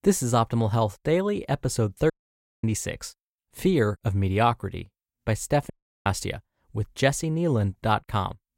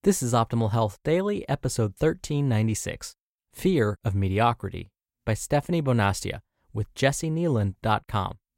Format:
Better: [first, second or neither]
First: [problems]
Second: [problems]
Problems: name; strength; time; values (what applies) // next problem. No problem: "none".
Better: second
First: audio cutting out; at 2 s for 0.5 s and at 5.5 s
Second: none